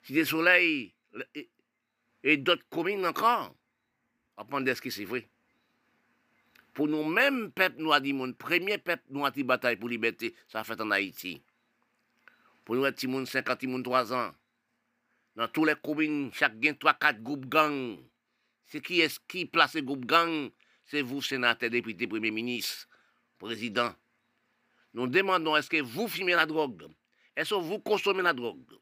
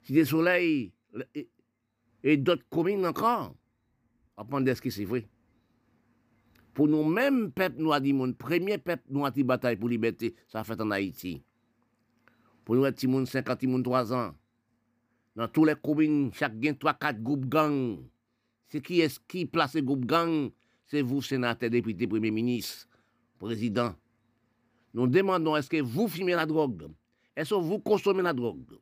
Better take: second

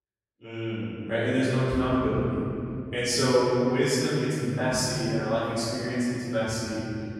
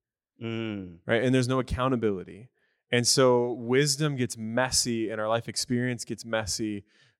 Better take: second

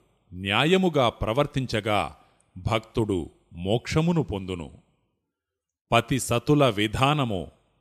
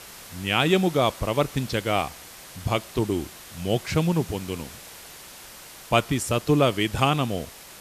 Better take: first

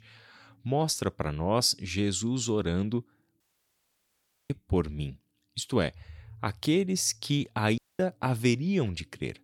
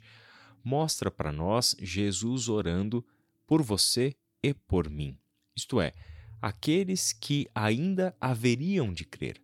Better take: second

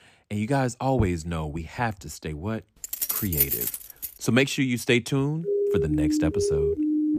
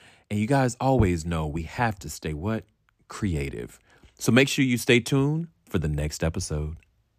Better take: second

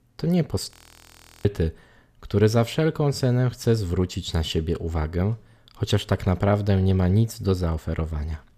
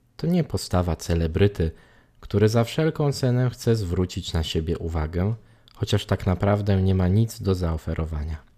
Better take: second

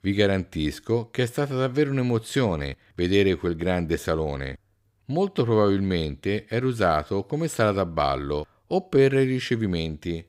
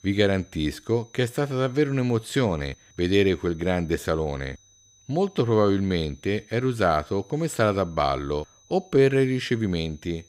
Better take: first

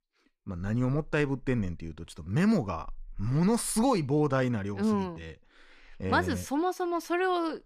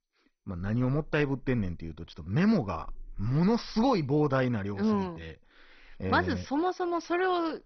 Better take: first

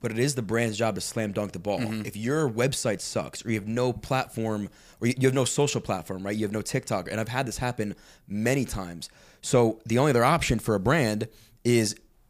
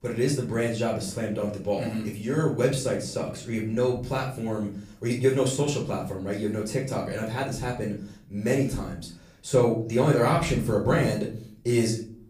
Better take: first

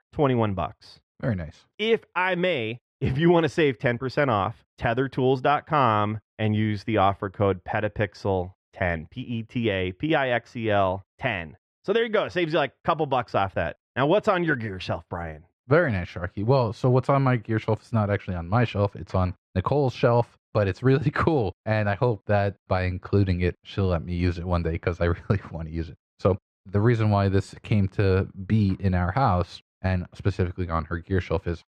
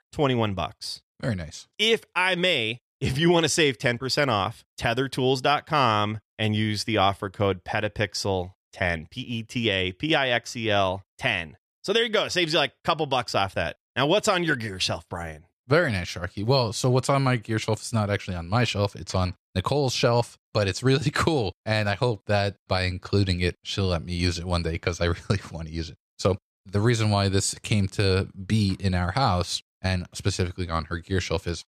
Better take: second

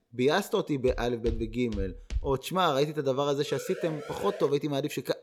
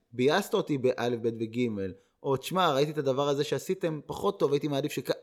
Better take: second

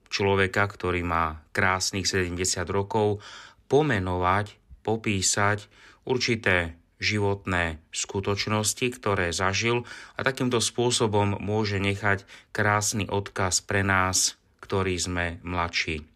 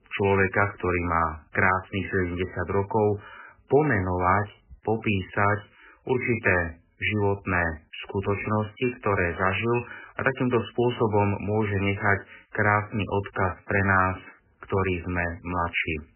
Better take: first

